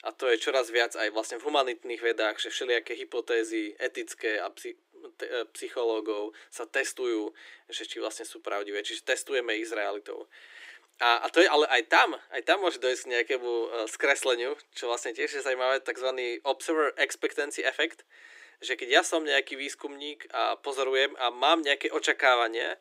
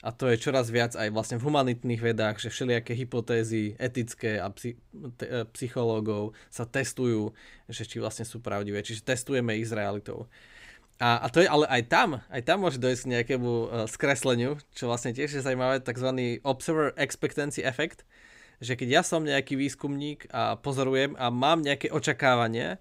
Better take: second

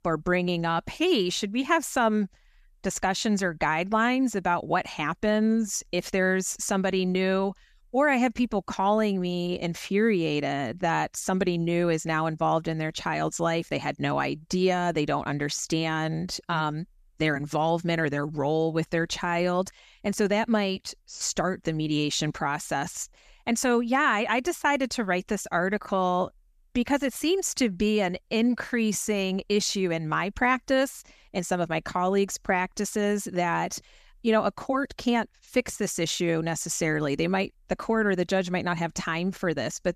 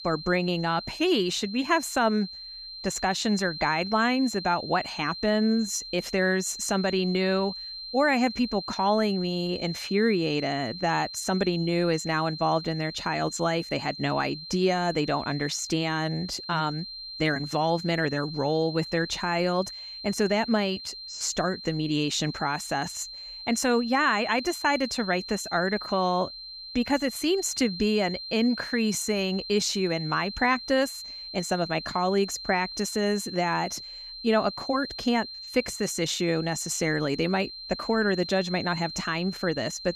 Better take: first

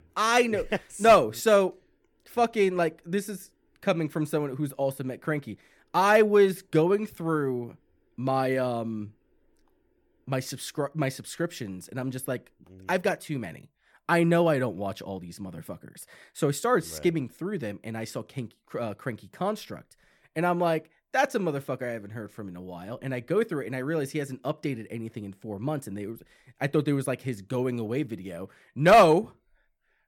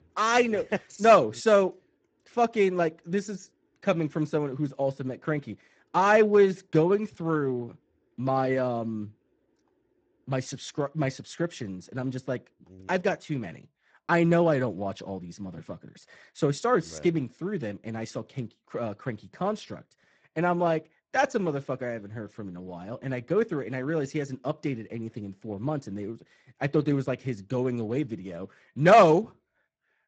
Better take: first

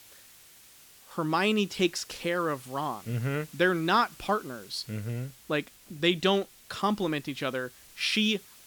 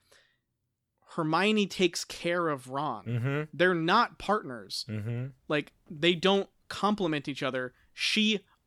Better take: second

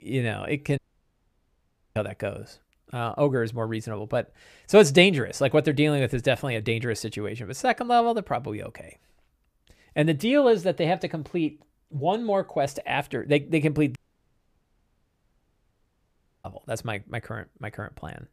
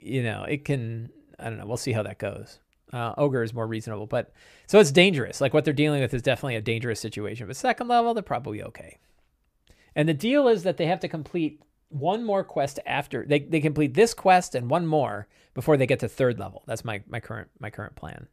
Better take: second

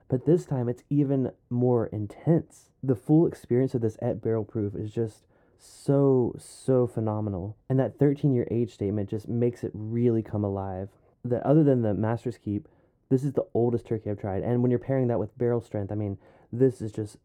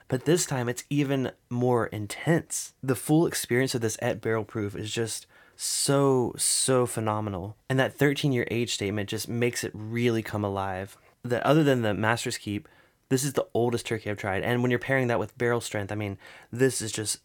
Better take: second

